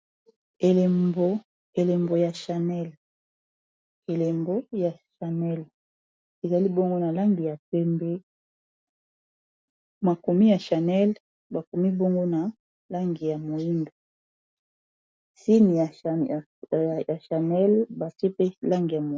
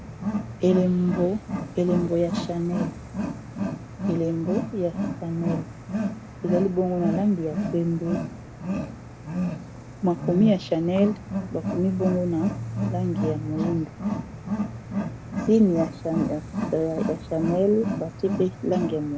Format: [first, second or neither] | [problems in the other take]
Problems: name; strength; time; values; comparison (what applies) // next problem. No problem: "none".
first | background sound (Wild animals); 4 dB below the speech